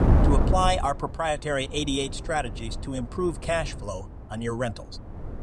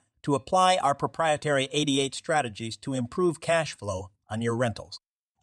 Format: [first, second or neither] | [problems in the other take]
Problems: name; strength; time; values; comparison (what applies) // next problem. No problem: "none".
second | wind noise on the microphone; heavy; 10 dB below the speech